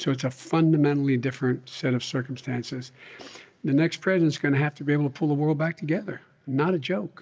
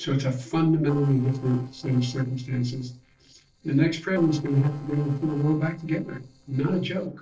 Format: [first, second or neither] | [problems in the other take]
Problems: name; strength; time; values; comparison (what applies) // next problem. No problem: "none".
first | noise reduction (neural separator model SepFormer DNS4)